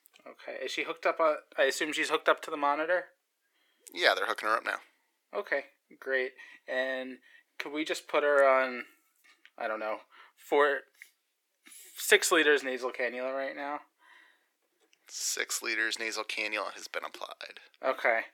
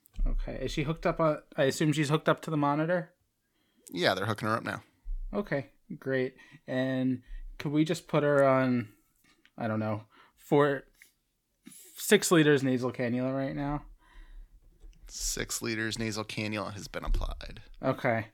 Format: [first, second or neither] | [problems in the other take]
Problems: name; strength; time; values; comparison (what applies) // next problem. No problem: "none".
second | thin; very; fading below 400 Hz